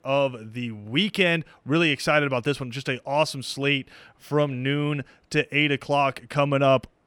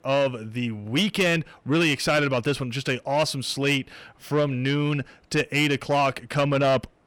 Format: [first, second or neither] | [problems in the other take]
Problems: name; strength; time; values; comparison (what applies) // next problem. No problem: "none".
first | distortion; slight; 10 dB below the speech